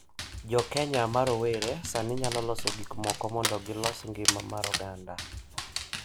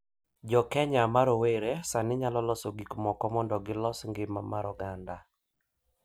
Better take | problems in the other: second | background sound (Dog); 3 dB below the speech

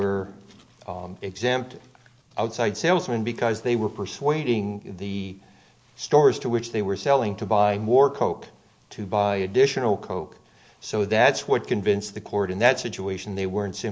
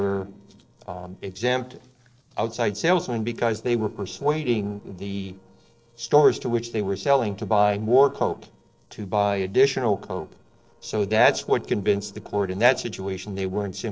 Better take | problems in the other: first | noise reduction (neural separator model SepFormer DNS4)

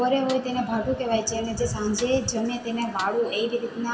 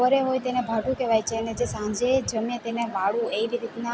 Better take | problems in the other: second | background sound (Snare drum); 20 dB below the speech // room echo; dies away in 2.7 s

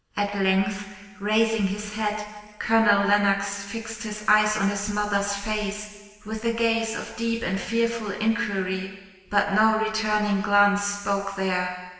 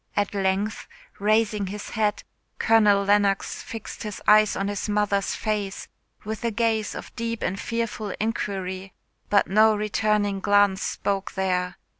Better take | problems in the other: second | room echo; dies away in 1.5 s

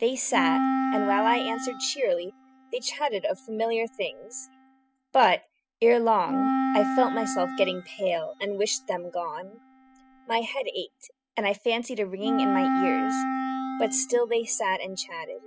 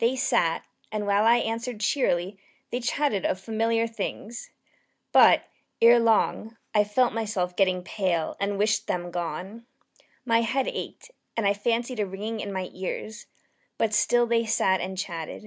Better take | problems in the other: second | noise reduction (classical method spectral subtraction)

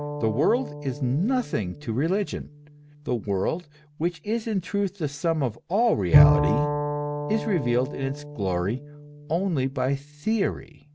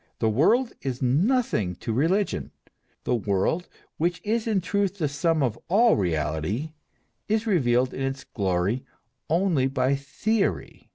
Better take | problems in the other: second | background sound (Bowed string instrument); 3 dB below the speech

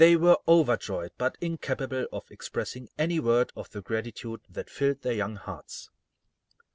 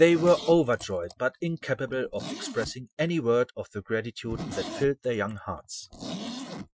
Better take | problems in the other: first | noise reduction (classical method Wiener filter)

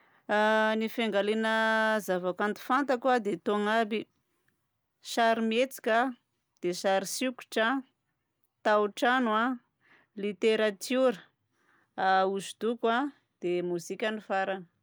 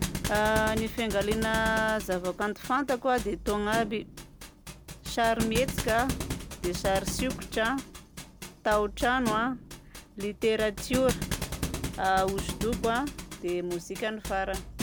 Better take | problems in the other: first | background sound (Thump, thud); 6 dB below the speech

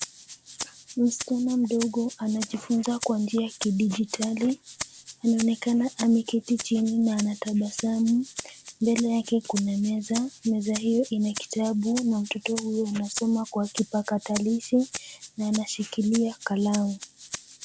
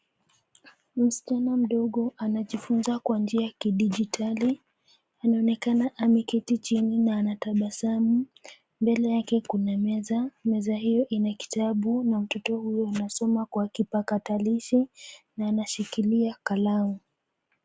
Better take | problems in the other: second | background sound (Rattle (instrument)); 14 dB below the speech

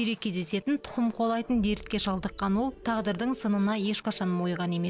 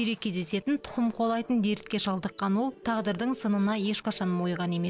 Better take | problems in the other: second | background sound (Boom); 19 dB below the speech

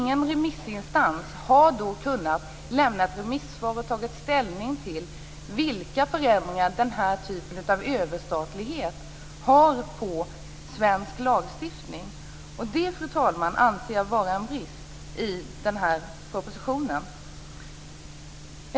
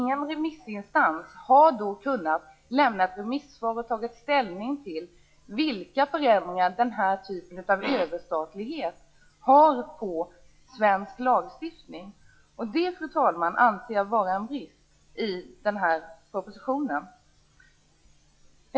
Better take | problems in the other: first | noise reduction (classical method log-MMSE)

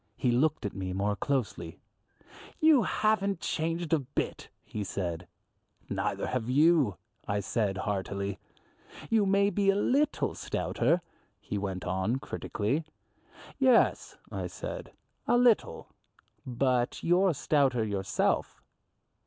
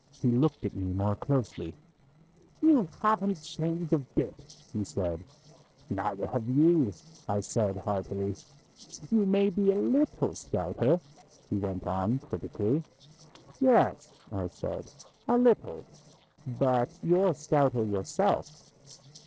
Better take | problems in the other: first | noise reduction (neural separator model SepFormer DNS4)

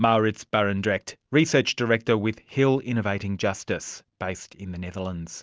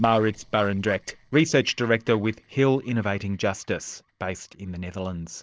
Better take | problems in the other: first | noise reduction (neural separator model SepFormer DNS4)

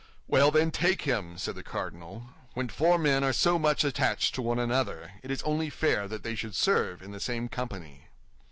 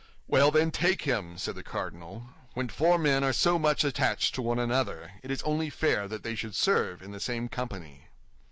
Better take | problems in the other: first | noise reduction (neural mask model Resemble Enhance denoiser)

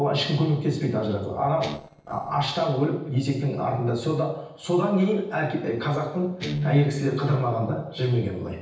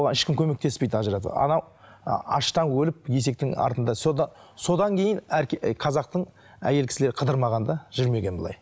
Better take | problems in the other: second | noise reduction (neural separator model SepFormer DNS4)

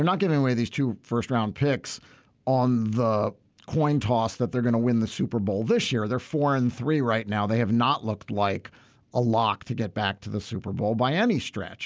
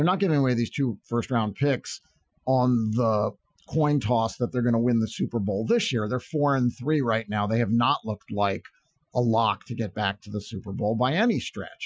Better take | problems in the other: first | noise reduction (classical method Wiener filter)

